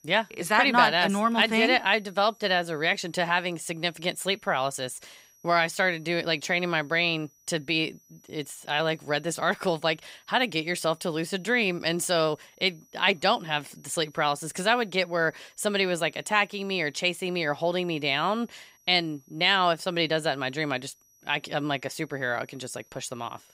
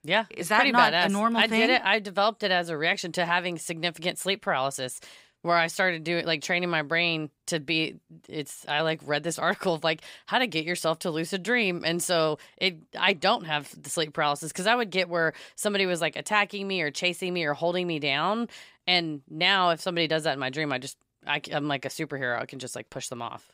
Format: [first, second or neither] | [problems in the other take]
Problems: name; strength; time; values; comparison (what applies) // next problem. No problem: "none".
second | high-pitched whine; faint; throughout; 6 kHz, 30 dB below the speech